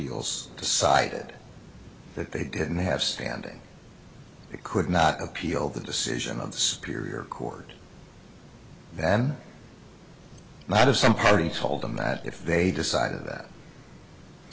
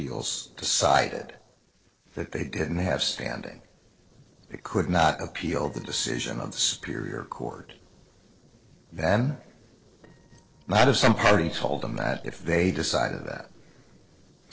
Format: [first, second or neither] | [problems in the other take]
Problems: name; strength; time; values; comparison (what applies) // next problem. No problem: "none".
first | noise reduction (neural separator model SepFormer DNS4)